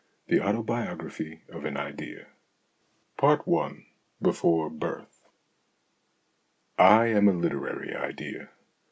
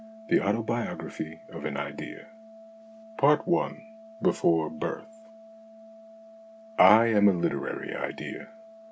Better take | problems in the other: first | background sound (Organ); 20 dB below the speech

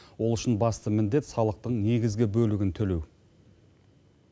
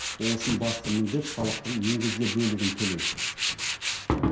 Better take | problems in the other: first | background sound (Tools); 1 dB below the speech // room echo; dies away in 0.7 s

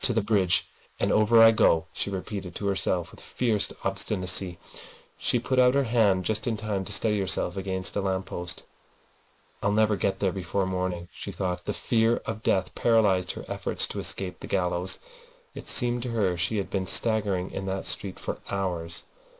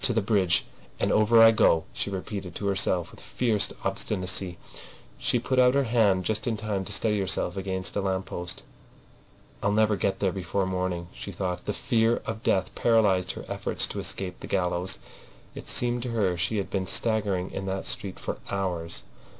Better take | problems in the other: second | noise reduction (neural mask model Resemble Enhance denoiser)

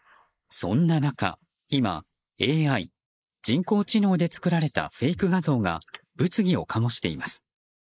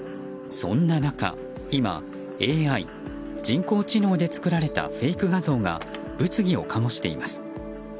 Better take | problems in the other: second | noise reduction (neural mask model Resemble Enhance denoiser)

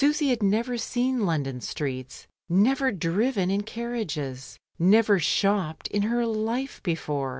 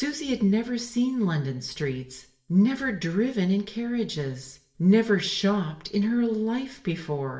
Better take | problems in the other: first | room echo; dies away in 0.5 s

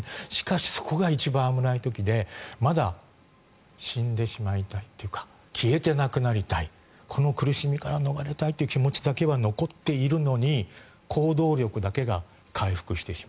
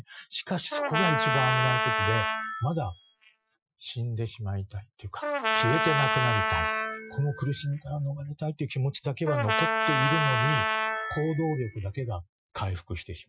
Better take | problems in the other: first | noise reduction (classical method Wiener filter)

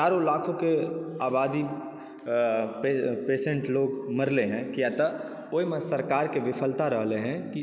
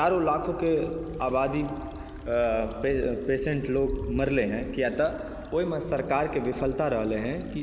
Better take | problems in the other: first | background sound (Stream / Trickle, dribble / Traffic noise, roadway noise); 13 dB below the speech

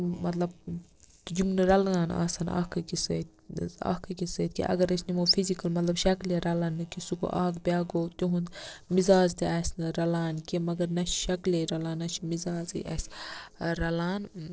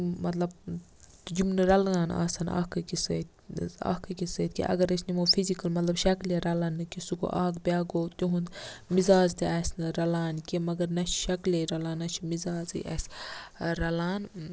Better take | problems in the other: second | noise reduction (neural separator model SepFormer DNS4)

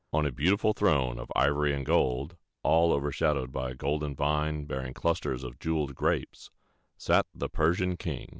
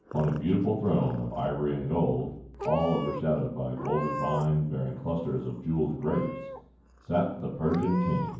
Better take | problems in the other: first | background sound (Meow / Purr); 12 dB below the speech // room echo; dies away in 0.9 s

